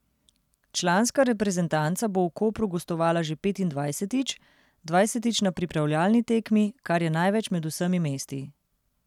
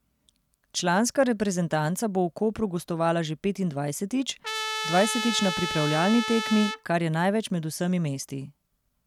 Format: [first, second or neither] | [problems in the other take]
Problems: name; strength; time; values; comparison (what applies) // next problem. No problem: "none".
first | background sound (Trumpet); 4 dB below the speech